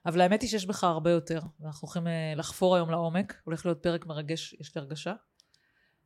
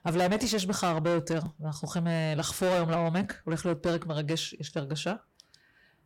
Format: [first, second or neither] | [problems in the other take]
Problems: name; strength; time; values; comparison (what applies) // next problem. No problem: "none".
first | distortion; heavy; 7 dB below the speech